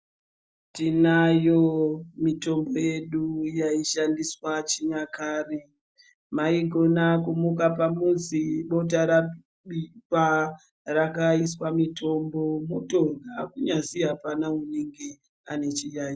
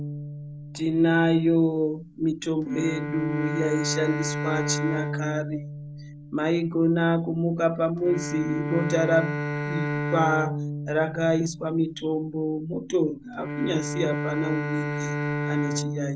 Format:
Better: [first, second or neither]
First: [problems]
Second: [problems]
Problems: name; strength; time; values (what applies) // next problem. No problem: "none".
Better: first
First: none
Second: background sound (Bowed string instrument); 5 dB below the speech